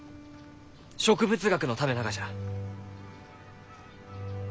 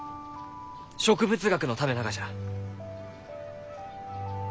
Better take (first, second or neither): first